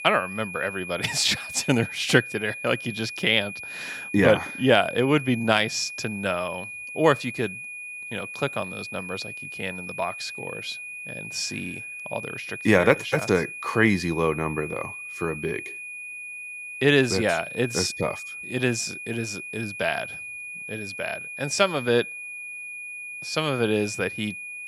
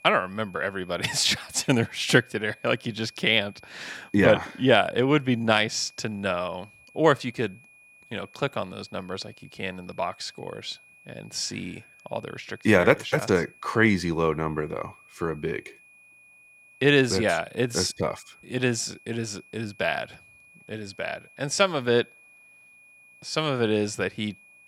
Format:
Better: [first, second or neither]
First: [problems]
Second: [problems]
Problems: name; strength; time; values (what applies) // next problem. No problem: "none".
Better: second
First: high-pitched whine; loud; throughout; 2.5 kHz, 9 dB below the speech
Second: high-pitched whine; faint; throughout; 2.5 kHz, 25 dB below the speech